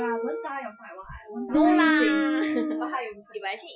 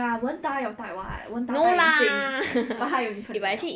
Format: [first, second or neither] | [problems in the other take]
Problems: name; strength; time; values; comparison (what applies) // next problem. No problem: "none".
second | noise reduction (classical method Wiener filter)